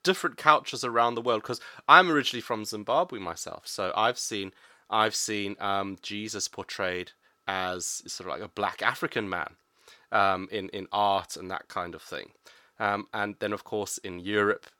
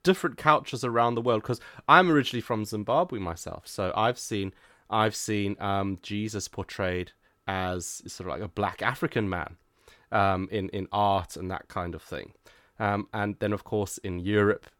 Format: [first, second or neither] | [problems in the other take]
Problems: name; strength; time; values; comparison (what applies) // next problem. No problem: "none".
second | thin; somewhat; fading below 800 Hz